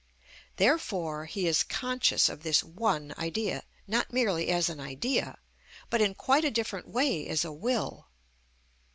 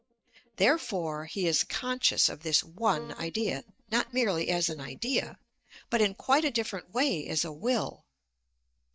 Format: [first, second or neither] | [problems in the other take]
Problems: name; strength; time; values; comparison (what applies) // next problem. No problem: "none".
first | noise reduction (neural mask model DeepFilterNet 3)